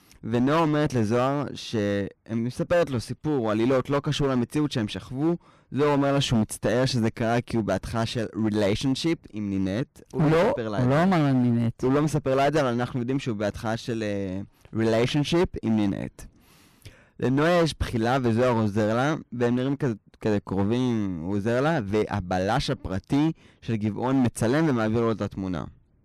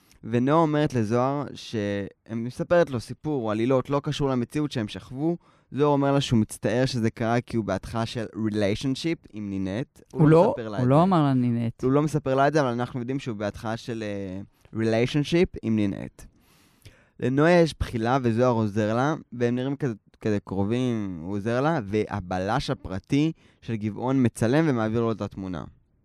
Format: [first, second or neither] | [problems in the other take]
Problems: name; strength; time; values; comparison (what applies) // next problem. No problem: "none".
second | distortion; heavy; 10% of the sound clipped